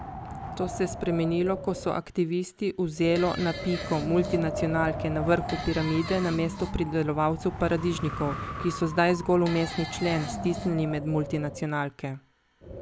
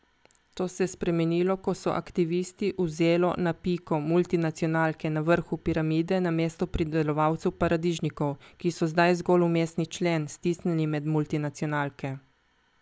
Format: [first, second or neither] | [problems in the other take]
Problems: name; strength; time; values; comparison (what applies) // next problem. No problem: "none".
second | background sound (Wind + Fart); 8 dB below the speech